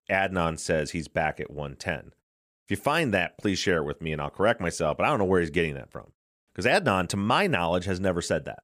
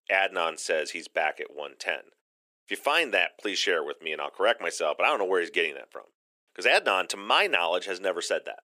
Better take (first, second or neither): first